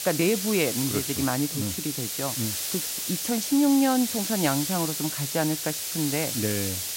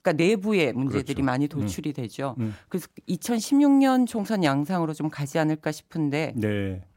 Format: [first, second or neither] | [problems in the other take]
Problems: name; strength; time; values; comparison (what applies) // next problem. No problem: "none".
second | hiss; loud; throughout; 1 dB below the speech